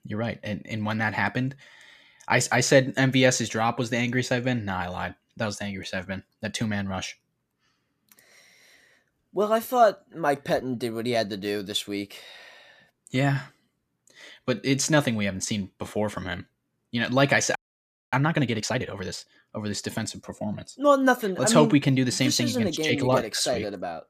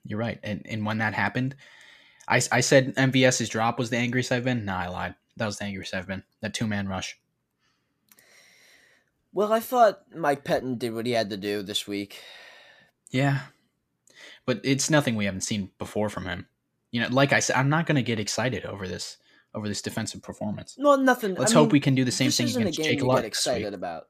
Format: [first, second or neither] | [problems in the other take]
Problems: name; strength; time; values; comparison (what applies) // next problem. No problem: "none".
second | audio freezing; at 18 s for 0.5 s